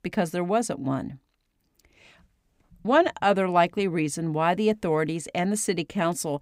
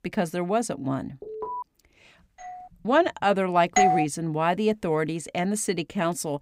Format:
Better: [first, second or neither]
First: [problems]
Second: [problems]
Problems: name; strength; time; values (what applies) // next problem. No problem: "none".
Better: first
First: none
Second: alarm; noticeable; at 1 s; peak 8 dB below the speech // doorbell; faint; at 2.5 s; peak 15 dB below the speech // doorbell; loud; at 4 s; peak 4 dB above the speech